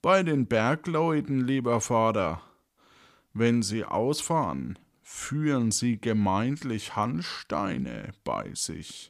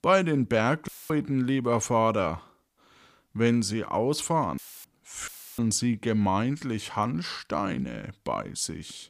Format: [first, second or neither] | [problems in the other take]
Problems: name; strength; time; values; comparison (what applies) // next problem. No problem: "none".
first | audio cutting out; filled with static; at 1 s, at 4.5 s and at 5.5 s